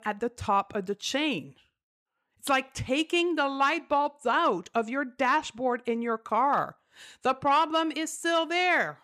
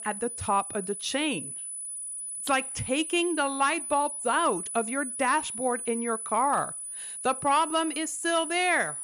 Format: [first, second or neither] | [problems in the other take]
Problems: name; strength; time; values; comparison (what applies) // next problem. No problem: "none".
first | high-pitched whine; loud; throughout; 10 kHz, 6 dB below the speech